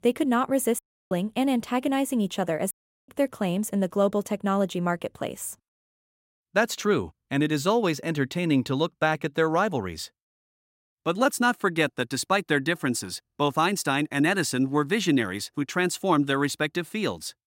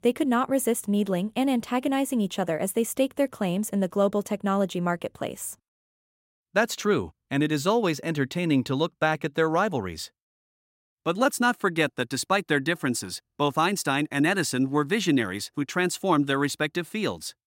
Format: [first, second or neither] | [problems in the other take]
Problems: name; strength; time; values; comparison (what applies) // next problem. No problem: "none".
second | audio cutting out; at 1 s and at 2.5 s